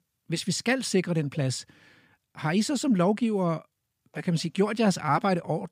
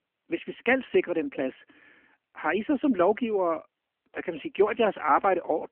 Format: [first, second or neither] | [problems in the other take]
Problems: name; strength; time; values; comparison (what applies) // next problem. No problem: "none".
first | phone-call audio; nothing above 3 kHz